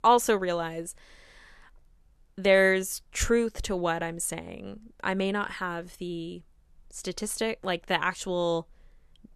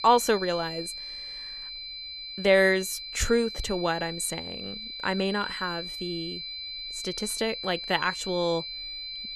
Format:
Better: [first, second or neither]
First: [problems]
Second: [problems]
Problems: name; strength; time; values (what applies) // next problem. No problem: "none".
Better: first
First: none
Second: high-pitched whine; loud; throughout; 4 kHz, 7 dB below the speech